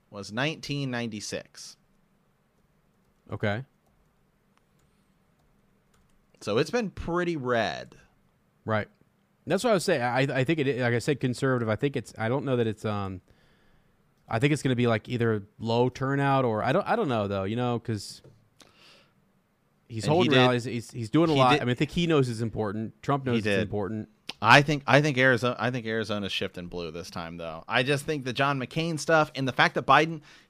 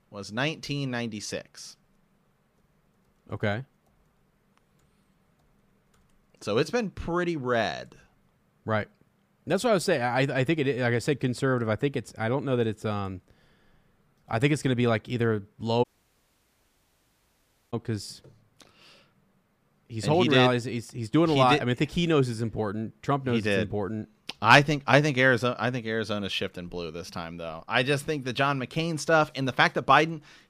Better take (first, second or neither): first